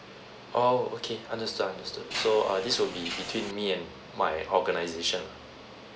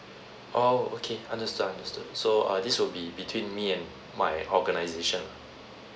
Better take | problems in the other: second | background sound (Mechanisms); 12 dB below the speech

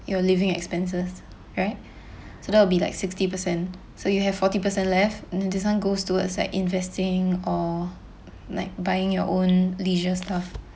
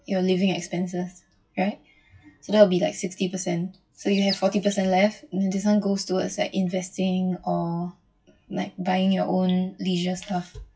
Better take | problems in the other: first | noise reduction (classical method WPE with log-MMSE)

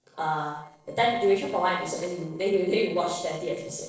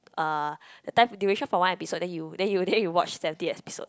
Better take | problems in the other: second | noise reduction (neural separator model SepFormer DNS4)

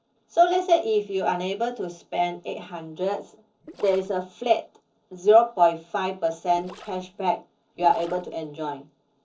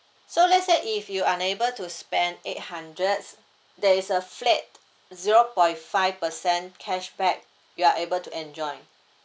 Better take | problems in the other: second | noise reduction (neural separator model SepFormer DNS4)

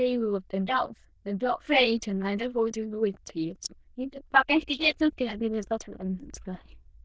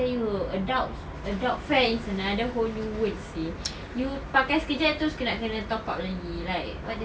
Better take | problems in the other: second | noise reduction (neural diffusion model UNIVERSE++)

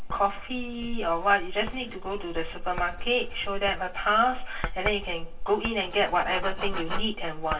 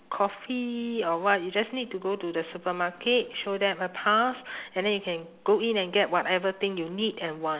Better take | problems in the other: second | background sound (Writing); 5 dB below the speech // room echo; dies away in 0.1 s

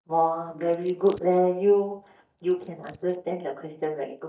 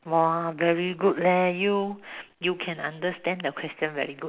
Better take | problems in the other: second | noise reduction (neural mask model DeepFilterNet 3)

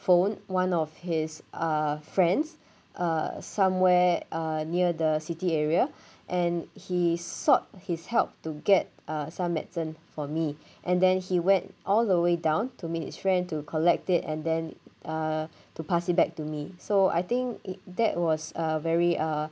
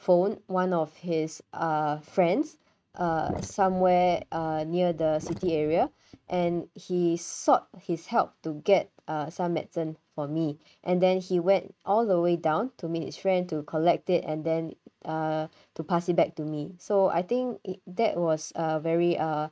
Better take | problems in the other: first | noise reduction (neural mask model RNNoise)

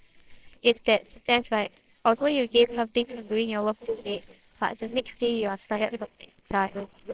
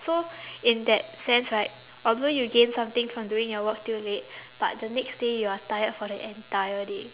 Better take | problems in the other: second | noise reduction (neural separator model SepFormer WHAMR!)

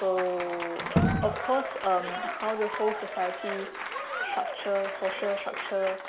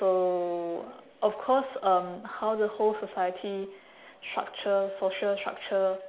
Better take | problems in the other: second | background sound (Applause / Crowd + Slam); 2 dB below the speech

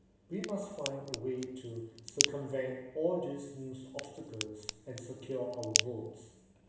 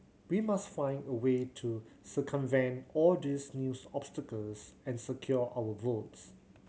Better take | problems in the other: second | background sound (Crack); 1 dB above the speech // room echo; dies away in 0.8 s

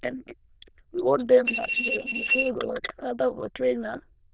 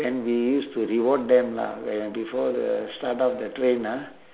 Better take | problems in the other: second | noise reduction (neural diffusion model UNIVERSE++)

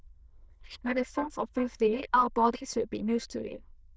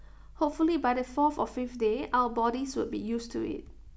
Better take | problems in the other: second | noise reduction (neural diffusion model UNIVERSE++)

